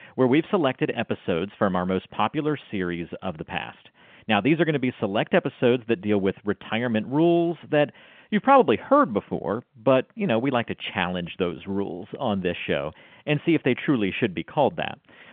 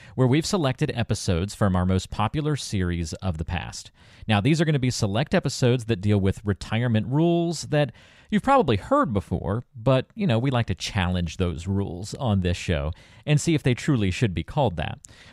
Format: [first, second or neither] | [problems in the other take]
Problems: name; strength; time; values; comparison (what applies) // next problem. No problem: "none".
second | phone-call audio; nothing above 3.5 kHz